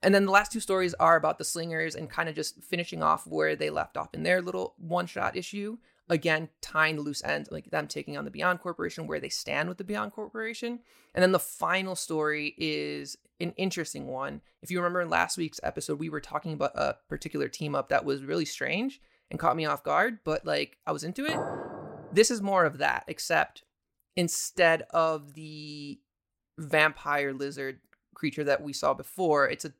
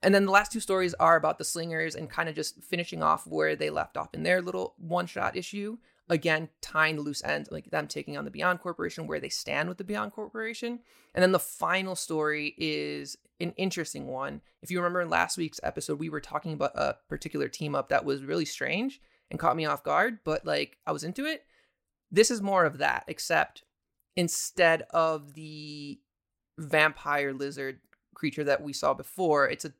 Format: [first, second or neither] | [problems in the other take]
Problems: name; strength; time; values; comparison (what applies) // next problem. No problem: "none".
second | clattering dishes; noticeable; at 21 s; peak 5 dB below the speech